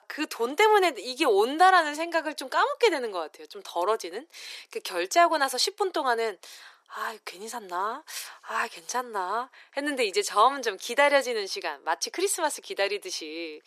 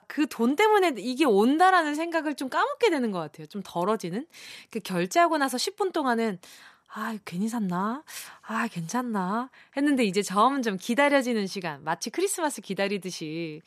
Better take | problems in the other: second | thin; very; fading below 350 Hz

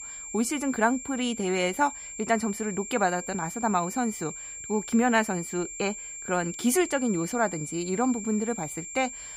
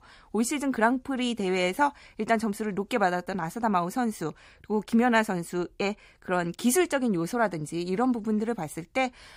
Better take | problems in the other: second | high-pitched whine; loud; throughout; 7.5 kHz, 9 dB below the speech

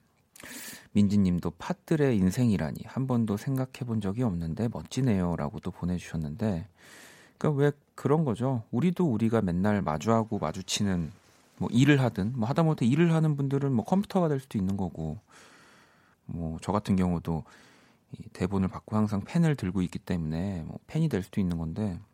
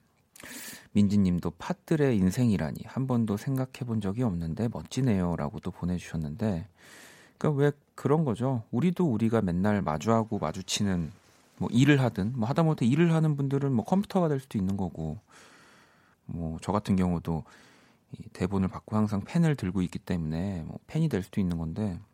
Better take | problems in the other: neither | none

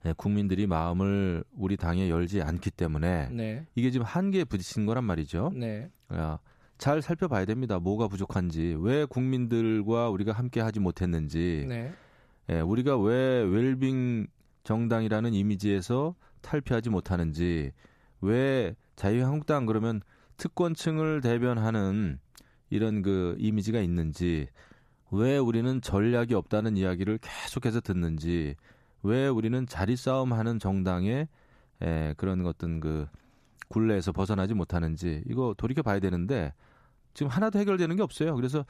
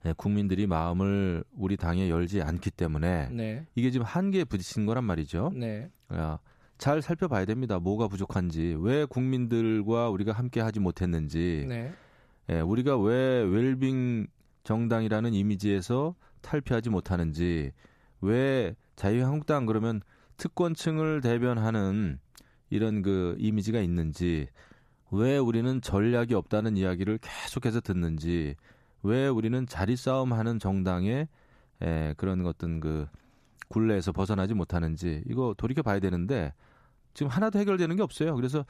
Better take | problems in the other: neither | none

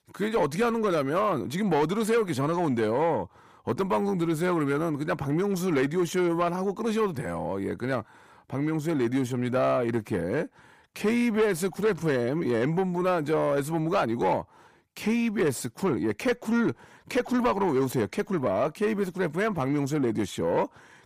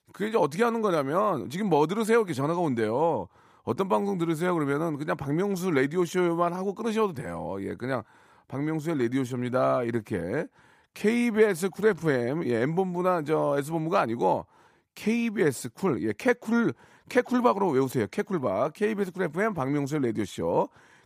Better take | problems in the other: second | distortion; slight; 10 dB below the speech

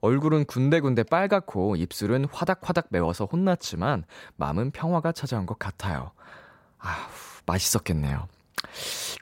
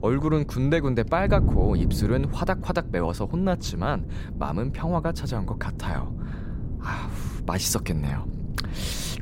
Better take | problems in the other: first | wind noise on the microphone; occasional gusts; 10 dB below the speech

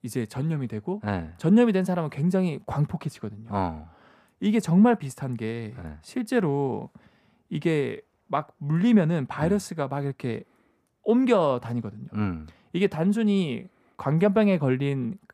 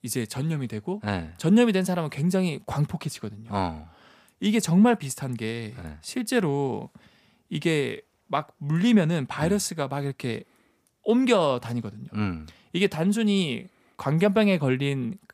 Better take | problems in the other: second | muffled; slightly; fading above 2.5 kHz

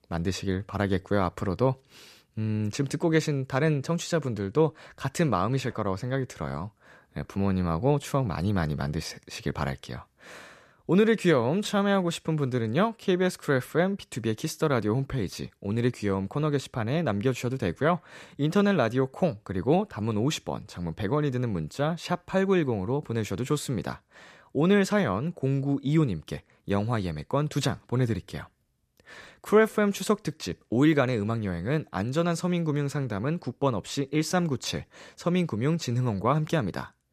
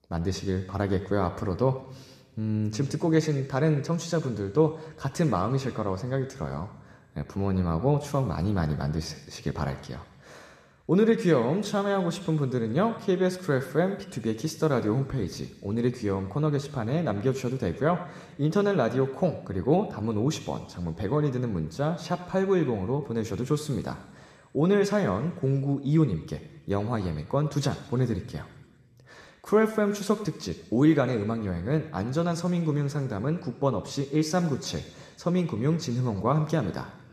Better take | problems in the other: first | room echo; slight; dies away in 1.3 s

